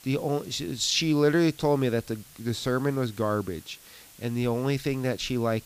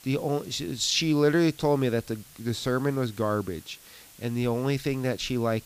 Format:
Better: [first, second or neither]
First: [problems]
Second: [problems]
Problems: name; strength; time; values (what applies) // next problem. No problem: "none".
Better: neither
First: hiss; faint; throughout; 20 dB below the speech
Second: hiss; faint; throughout; 20 dB below the speech